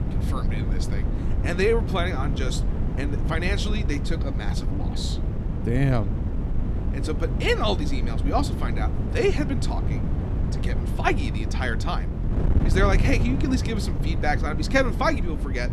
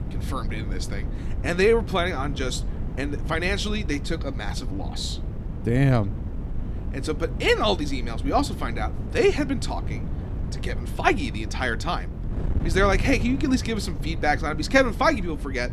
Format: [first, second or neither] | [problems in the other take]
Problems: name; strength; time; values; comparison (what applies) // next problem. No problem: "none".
second | wind noise on the microphone; heavy; 9 dB below the speech; occasional gusts in the second